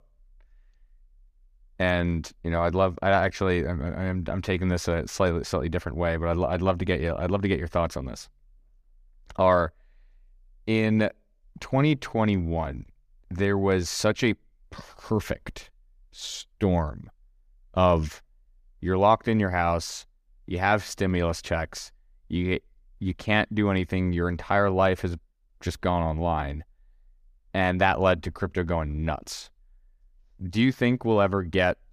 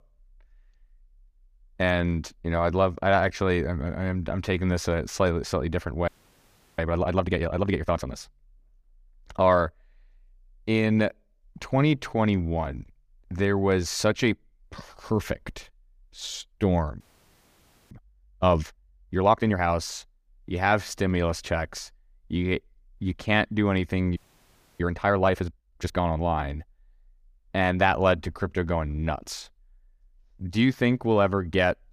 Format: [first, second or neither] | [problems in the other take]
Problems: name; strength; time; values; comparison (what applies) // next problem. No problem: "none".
first | audio freezing; at 6 s for 0.5 s, at 17 s for 1 s and at 24 s for 0.5 s